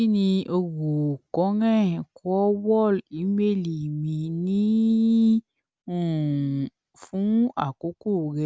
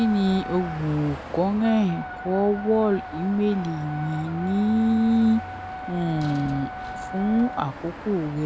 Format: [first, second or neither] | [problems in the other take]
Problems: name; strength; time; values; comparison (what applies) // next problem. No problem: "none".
first | background sound (Car passing by / Traffic noise, roadway noise / Engine + Wind instrument, woodwind instrument); 11 dB below the speech